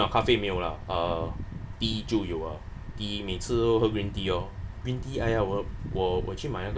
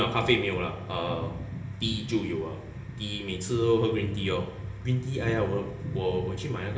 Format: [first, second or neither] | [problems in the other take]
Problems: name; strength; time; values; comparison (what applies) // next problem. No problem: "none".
first | room echo; dies away in 0.7 s